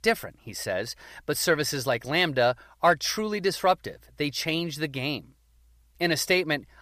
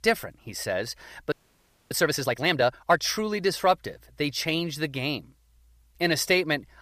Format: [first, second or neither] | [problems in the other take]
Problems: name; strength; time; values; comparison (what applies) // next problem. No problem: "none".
first | audio freezing; at 1.5 s for 0.5 s